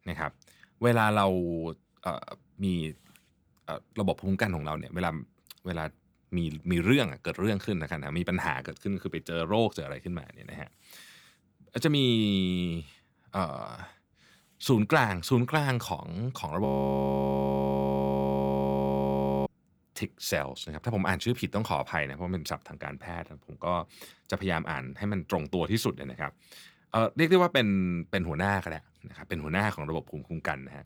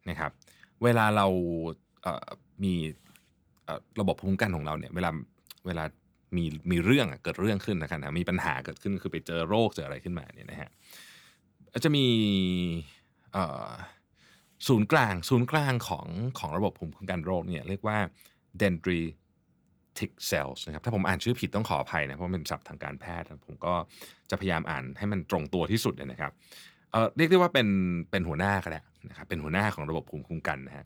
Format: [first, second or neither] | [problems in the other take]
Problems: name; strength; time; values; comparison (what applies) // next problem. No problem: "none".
second | audio freezing; at 17 s for 3 s